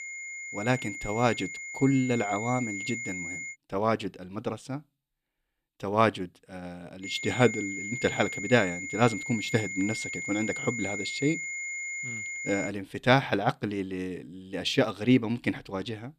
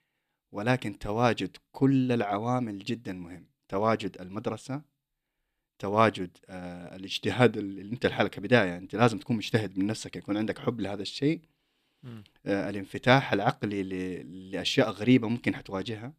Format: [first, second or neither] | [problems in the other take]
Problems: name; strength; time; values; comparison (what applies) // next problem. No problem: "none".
second | high-pitched whine; loud; until 3.5 s and from 7 to 13 s; 2 kHz, 6 dB below the speech